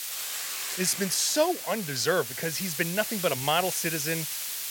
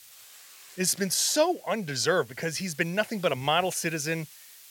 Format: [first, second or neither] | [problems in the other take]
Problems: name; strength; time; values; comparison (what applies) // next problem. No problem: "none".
second | hiss; loud; throughout; 4 dB below the speech; faint in the second